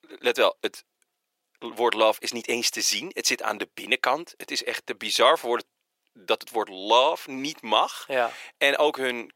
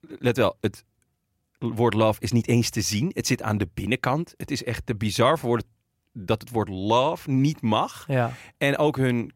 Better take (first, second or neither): second